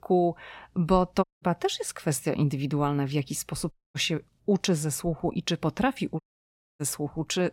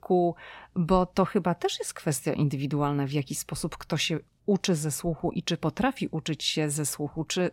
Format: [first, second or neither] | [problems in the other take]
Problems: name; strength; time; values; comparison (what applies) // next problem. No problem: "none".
second | audio cutting out; at 1 s, at 3.5 s and at 6 s for 0.5 s